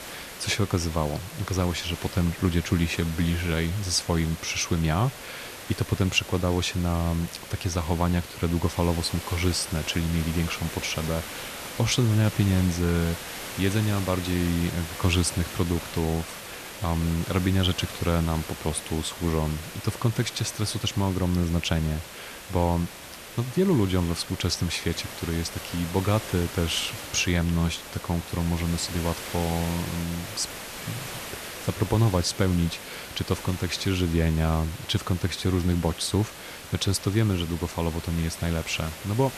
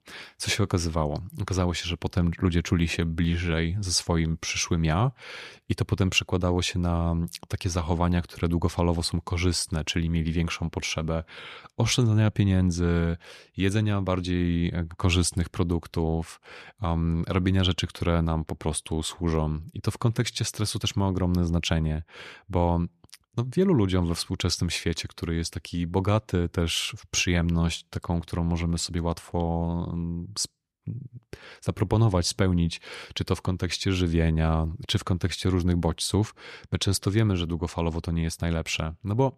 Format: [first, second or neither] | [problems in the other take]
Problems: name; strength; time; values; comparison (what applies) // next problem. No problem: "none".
second | hiss; noticeable; throughout; 10 dB below the speech